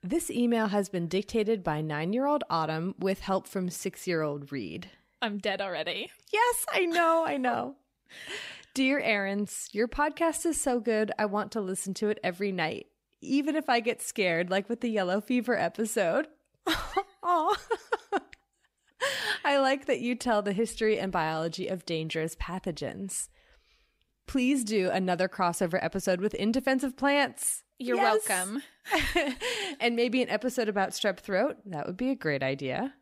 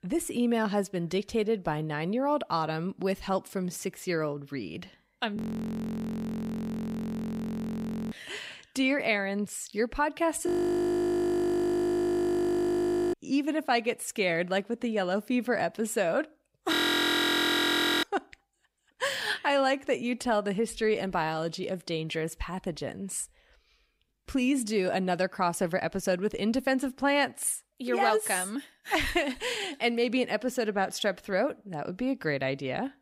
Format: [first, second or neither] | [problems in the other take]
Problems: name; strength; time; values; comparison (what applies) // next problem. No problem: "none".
first | audio freezing; at 5.5 s for 2.5 s, at 10 s for 2.5 s and at 17 s for 1.5 s